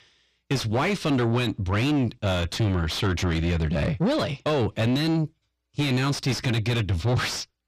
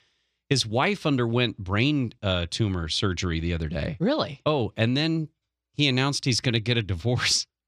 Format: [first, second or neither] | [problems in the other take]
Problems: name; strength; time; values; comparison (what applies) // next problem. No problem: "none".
second | distortion; heavy; 6 dB below the speech